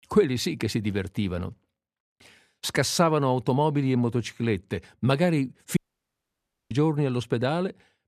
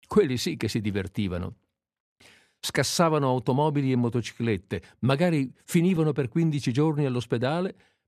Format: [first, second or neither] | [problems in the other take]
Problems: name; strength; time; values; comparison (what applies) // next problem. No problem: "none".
second | audio cutting out; at 6 s for 1 s